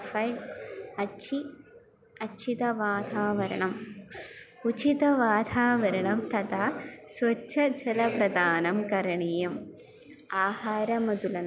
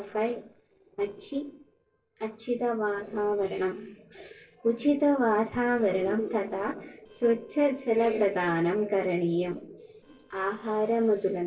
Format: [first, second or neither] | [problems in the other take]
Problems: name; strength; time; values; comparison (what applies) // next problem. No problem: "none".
first | noise reduction (neural separator model SepFormer DNS4)